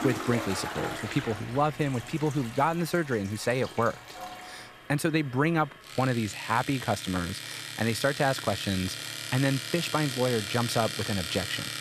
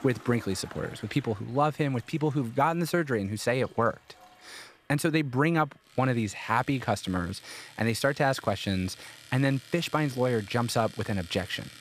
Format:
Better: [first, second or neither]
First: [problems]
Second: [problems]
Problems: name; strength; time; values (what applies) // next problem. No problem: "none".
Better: second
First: household noises; loud; throughout; 7 dB below the speech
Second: household noises; faint; throughout; 20 dB below the speech